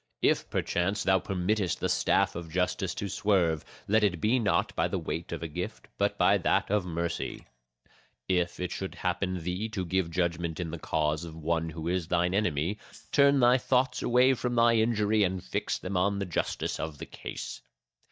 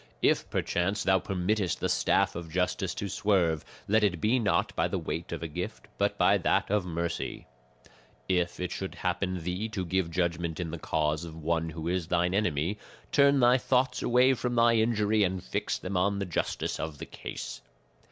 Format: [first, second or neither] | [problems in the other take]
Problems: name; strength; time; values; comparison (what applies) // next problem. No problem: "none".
second | noise reduction (neural mask model DeepFilterNet 3)